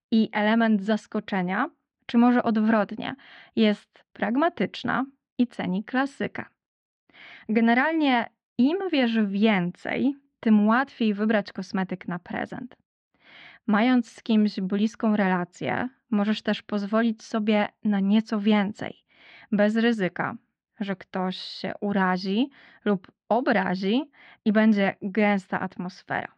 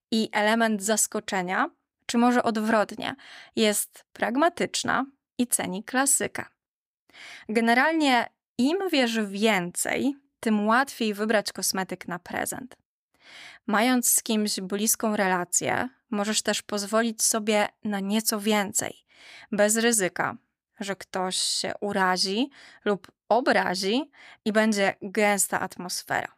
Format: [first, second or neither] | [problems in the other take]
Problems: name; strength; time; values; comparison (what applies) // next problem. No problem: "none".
second | muffled; slightly; fading above 3.5 kHz